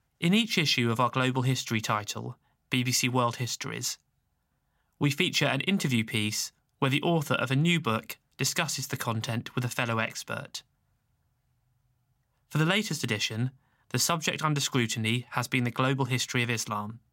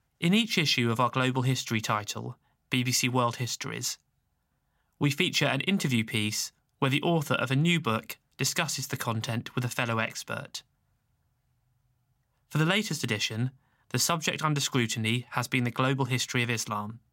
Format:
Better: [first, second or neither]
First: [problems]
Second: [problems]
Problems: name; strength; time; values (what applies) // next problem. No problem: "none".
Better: neither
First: none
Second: none